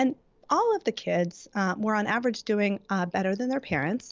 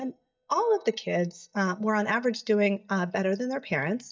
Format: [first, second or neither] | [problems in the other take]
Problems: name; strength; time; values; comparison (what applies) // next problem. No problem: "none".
first | noise reduction (neural mask model DeepFilterNet 3)